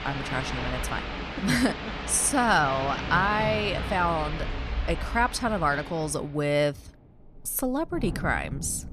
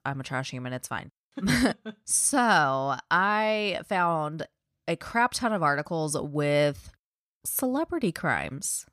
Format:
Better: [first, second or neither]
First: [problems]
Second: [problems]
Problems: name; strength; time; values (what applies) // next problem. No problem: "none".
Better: second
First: rain or running water; loud; throughout; 7 dB below the speech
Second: none